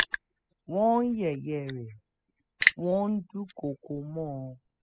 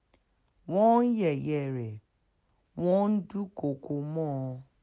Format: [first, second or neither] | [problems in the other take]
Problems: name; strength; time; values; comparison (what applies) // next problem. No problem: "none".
second | noise reduction (classical method spectral subtraction)